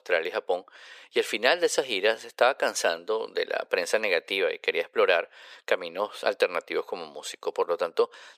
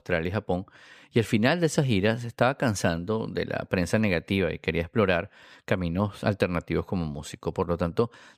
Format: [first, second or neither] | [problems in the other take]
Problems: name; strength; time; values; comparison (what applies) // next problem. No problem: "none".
second | thin; very; fading below 450 Hz